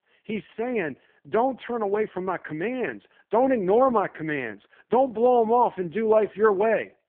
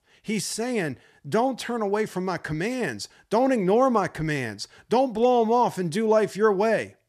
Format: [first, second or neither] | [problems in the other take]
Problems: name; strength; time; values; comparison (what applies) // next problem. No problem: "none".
second | phone-call audio; poor line